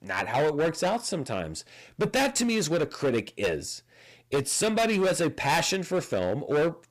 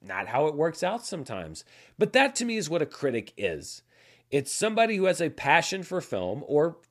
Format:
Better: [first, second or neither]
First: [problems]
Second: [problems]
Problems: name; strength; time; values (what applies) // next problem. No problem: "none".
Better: second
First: distortion; heavy; 14% of the sound clipped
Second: none